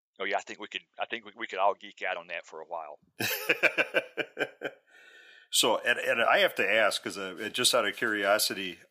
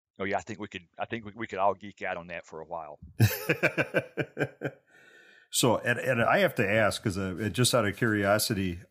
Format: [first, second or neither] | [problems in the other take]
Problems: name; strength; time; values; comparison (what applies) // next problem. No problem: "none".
second | thin; somewhat; fading below 400 Hz